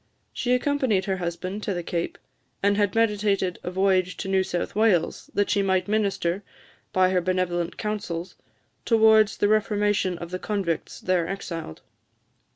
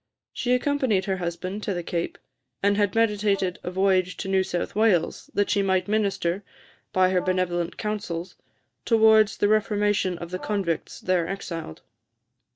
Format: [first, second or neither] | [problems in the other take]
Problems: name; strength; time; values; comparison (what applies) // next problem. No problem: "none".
first | noise reduction (neural mask model DeepFilterNet 3)